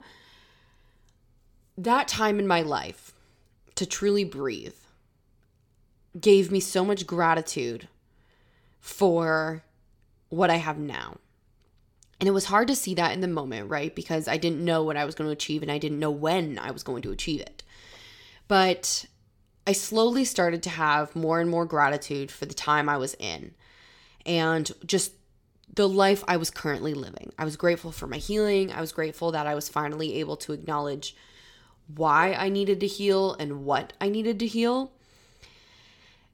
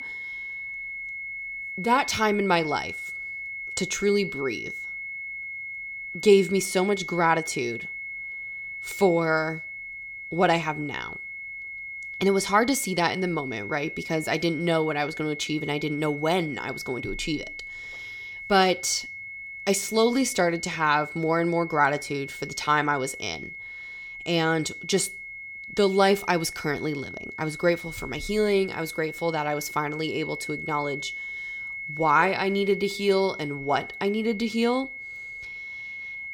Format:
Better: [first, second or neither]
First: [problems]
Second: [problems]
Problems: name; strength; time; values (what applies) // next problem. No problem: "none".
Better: first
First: none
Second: high-pitched whine; loud; throughout; 2 kHz, 9 dB below the speech